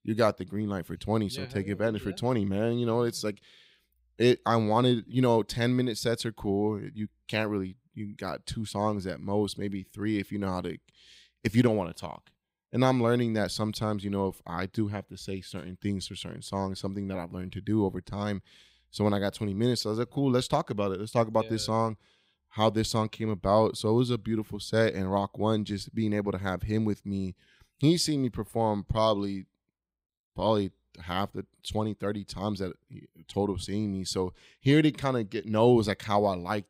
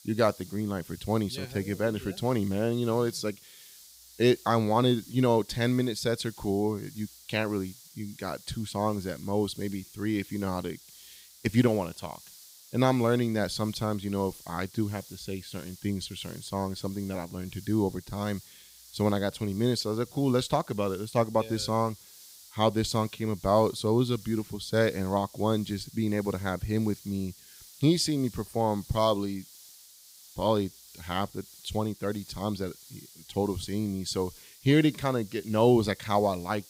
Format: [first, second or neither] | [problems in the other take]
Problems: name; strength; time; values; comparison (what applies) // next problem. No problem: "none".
first | hiss; faint; throughout; 20 dB below the speech